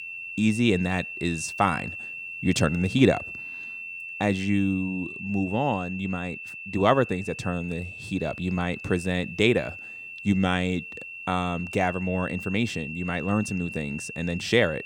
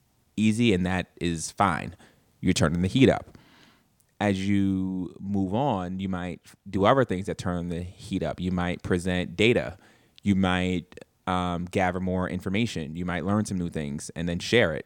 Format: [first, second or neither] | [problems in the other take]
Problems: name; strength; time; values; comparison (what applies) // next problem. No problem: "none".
second | high-pitched whine; loud; throughout; 2.5 kHz, 9 dB below the speech